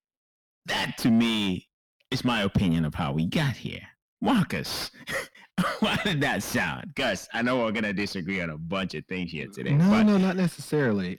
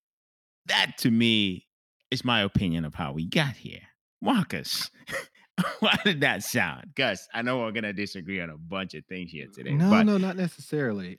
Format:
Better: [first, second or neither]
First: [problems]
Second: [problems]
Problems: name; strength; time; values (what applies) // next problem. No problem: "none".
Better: second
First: distortion; heavy; 6 dB below the speech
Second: none